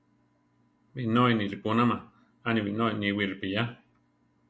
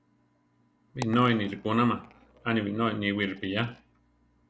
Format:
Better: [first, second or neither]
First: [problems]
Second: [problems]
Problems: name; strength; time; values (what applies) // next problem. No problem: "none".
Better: first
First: none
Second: background sound (Coin (dropping)); 19 dB below the speech